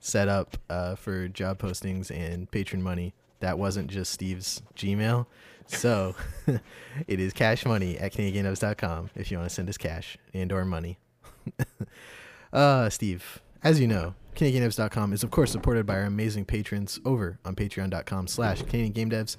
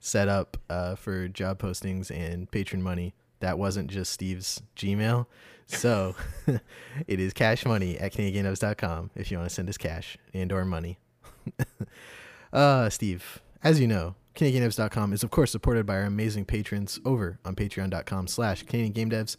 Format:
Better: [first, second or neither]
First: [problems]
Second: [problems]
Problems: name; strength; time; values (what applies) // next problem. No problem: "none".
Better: second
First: household noises; noticeable; throughout; 20 dB below the speech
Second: none